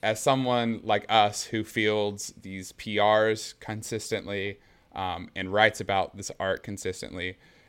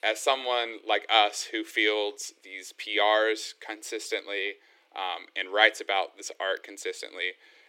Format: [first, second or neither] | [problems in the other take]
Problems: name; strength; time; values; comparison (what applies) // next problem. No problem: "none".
first | thin; very; fading below 300 Hz